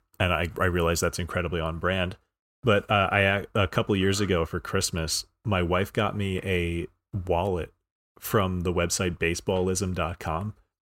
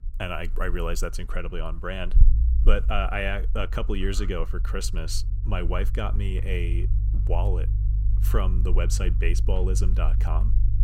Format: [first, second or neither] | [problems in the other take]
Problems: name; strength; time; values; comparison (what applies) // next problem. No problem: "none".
first | low rumble; noticeable; throughout; 15 dB below the speech